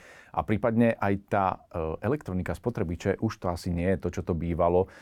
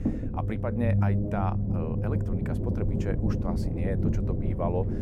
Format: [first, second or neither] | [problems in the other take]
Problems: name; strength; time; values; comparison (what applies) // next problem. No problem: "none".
first | low rumble; loud; throughout; 2 dB below the speech